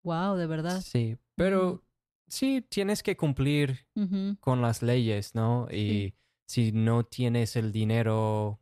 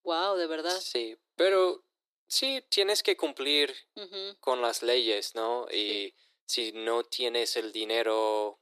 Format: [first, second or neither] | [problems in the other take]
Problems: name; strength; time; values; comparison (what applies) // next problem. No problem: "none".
first | thin; very; fading below 350 Hz